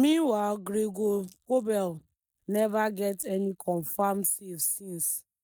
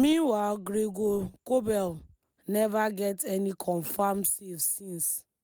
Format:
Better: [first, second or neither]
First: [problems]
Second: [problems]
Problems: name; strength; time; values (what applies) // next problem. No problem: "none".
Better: second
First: noise reduction (neural mask model DeepFilterNet 3)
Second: none